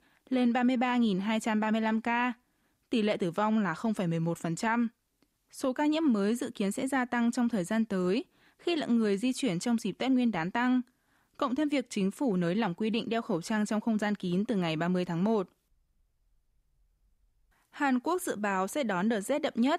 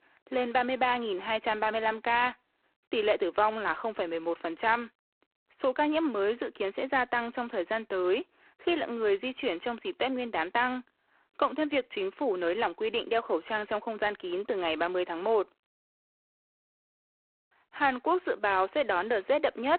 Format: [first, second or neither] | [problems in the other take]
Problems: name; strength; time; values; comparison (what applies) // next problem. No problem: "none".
first | phone-call audio; poor line